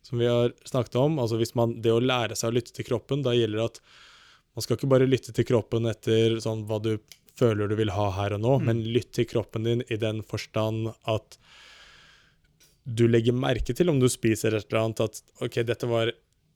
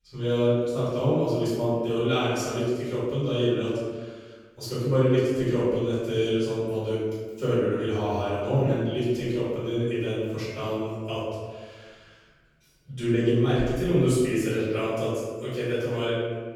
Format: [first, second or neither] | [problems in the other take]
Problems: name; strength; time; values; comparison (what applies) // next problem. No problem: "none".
first | off-mic speech; far // room echo; strong; dies away in 1.3 s